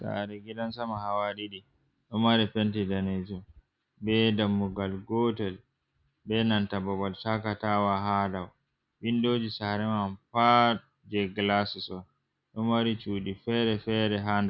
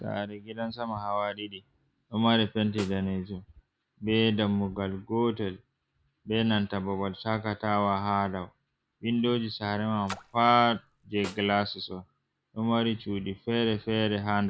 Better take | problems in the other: first | background sound (Snare drum + Splash, splatter); 17 dB below the speech

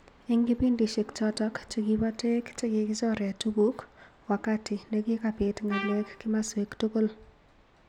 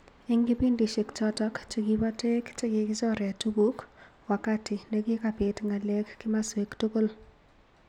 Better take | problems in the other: second | background sound (Trumpet); 11 dB below the speech

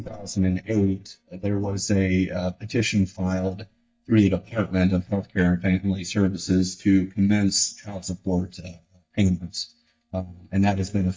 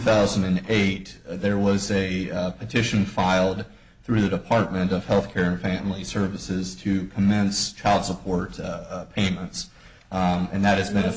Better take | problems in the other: second | noise reduction (neural mask model DeepFilterNet 3)

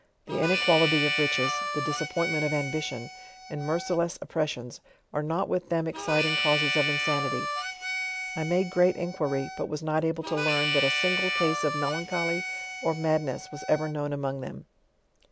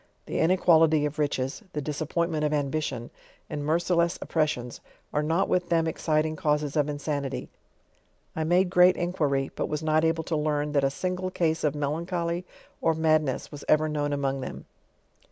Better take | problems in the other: second | background sound (Harmonica); 2 dB below the speech

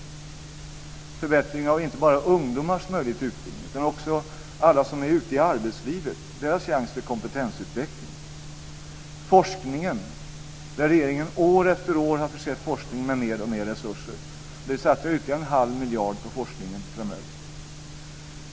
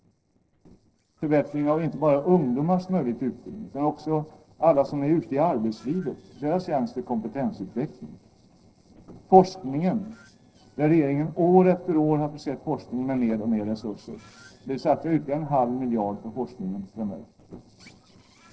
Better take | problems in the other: first | noise reduction (neural separator model SepFormer DNS4)

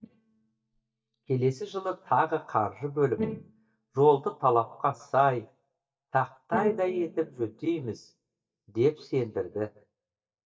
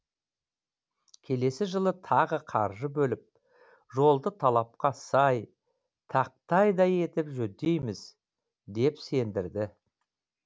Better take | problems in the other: second | noise reduction (neural mask model DeepFilterNet 3)

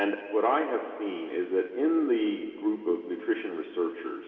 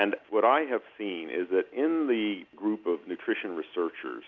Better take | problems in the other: second | room echo; dies away in 2.6 s

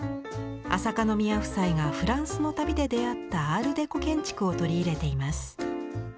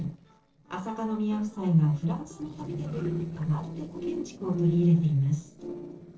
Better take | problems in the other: first | noise reduction (neural separator model SepFormer DNS4)

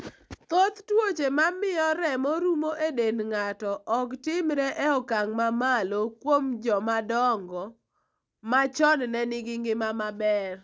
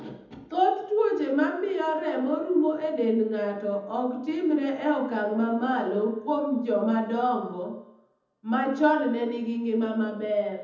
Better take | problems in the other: first | room echo; dies away in 1 s

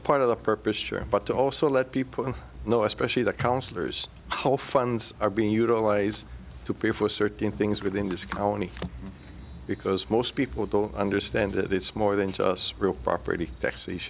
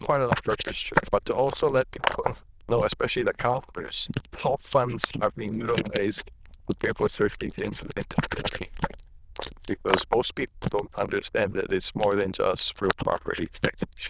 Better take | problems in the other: first | noise reduction (neural diffusion model UNIVERSE++)

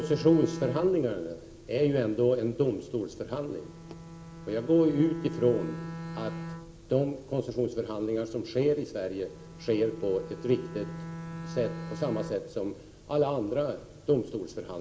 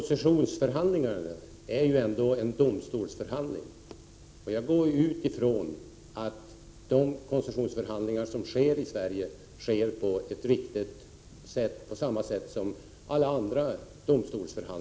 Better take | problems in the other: second | background sound (Bowed string instrument); 14 dB below the speech // room echo; dies away in 1 s

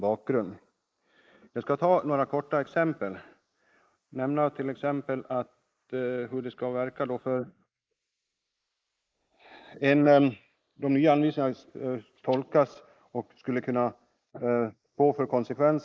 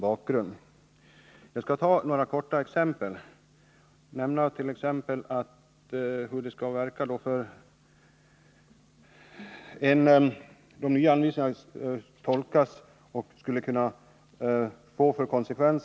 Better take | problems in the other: second | noise reduction (neural mask model Resemble Enhance denoiser)

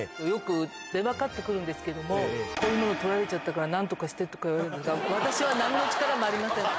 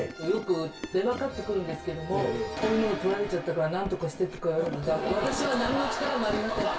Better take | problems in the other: first | background sound (Tools); 13 dB below the speech // room echo; dies away in 0.2 s

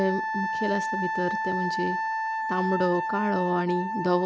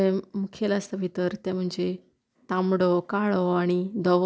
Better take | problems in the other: second | background sound (Wind instrument, woodwind instrument); 1 dB below the speech

